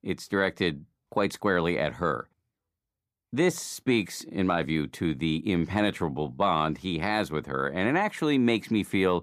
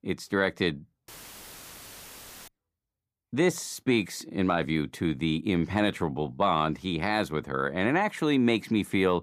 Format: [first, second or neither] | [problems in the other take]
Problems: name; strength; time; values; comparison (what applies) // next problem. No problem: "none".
first | audio cutting out; filled with static; at 1 s for 1.5 s